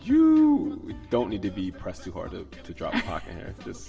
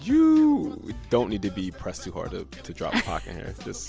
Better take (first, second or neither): second